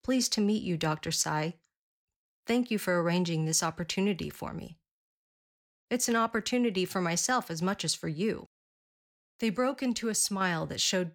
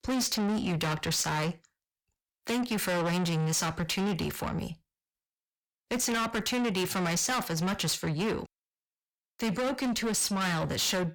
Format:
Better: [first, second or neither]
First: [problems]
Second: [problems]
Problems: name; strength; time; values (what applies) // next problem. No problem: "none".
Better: first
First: none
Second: distortion; heavy; 6 dB below the speech